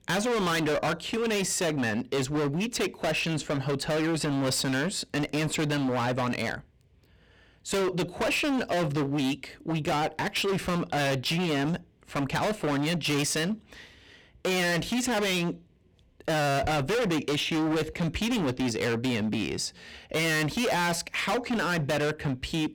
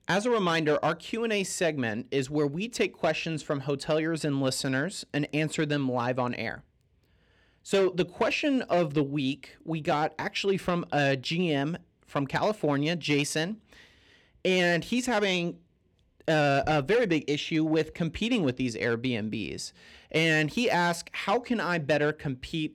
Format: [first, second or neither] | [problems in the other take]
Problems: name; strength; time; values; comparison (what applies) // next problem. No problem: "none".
second | distortion; heavy; 30% of the sound clipped